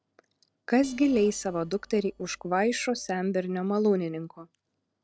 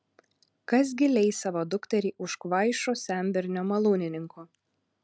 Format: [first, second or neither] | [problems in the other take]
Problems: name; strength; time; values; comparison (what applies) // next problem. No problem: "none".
second | noise reduction (neural separator model SepFormer DNS4)